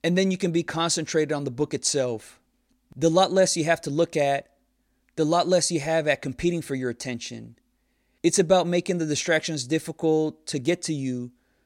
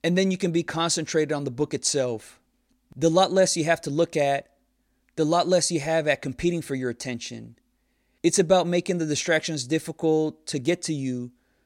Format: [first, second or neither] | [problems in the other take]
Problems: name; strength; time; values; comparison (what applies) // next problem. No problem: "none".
neither | none